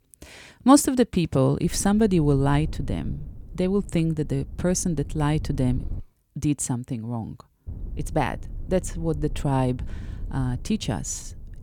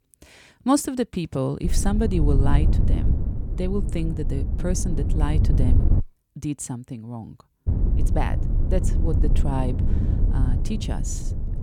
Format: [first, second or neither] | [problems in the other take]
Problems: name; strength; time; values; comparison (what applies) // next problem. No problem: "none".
first | wind noise on the microphone; heavy; from 1.5 to 6 s and from 7.5 s on; 7 dB below the speech; occasional gusts in the first